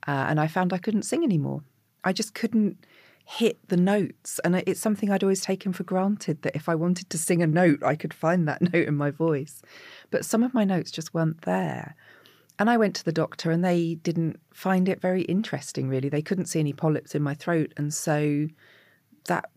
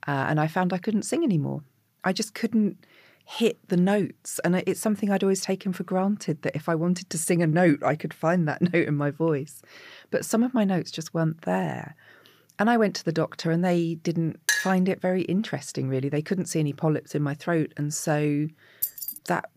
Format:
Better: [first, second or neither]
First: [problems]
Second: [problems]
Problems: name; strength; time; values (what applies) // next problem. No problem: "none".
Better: first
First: none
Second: clattering dishes; loud; at 14 s; peak 1 dB above the speech // jangling keys; noticeable; at 19 s; peak 3 dB below the speech